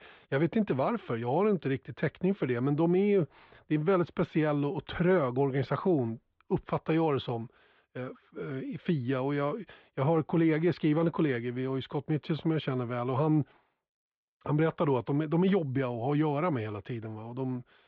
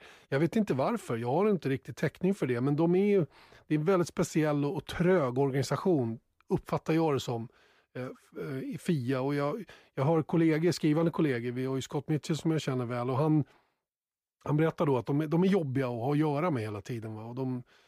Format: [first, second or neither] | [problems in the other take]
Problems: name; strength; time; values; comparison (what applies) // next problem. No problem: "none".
second | muffled; very; fading above 3.5 kHz